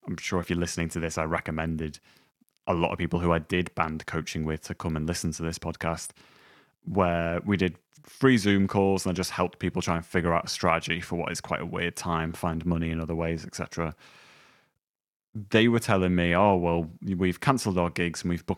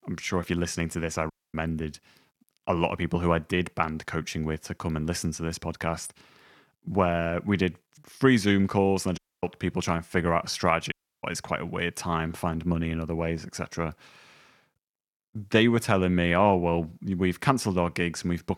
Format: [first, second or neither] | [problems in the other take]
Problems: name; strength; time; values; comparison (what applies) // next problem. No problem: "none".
first | audio cutting out; at 1.5 s, at 9 s and at 11 s